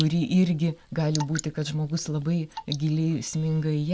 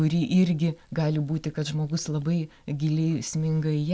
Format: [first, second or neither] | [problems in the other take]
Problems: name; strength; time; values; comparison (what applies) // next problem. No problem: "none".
second | background sound (Drip / Water); 16 dB below the speech